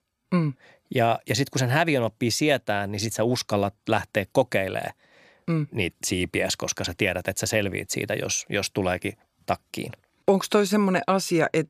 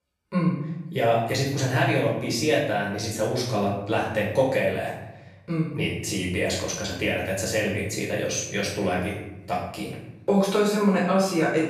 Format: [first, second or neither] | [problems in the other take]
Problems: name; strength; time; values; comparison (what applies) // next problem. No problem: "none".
first | off-mic speech; far // room echo; noticeable; dies away in 0.8 s